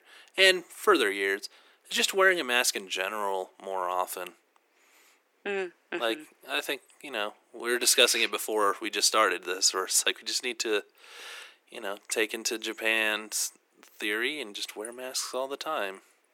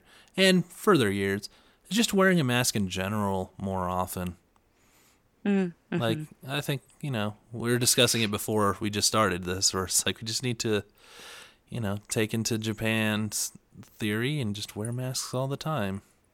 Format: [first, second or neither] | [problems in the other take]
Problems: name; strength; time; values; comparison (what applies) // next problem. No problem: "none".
second | thin; very; fading below 300 Hz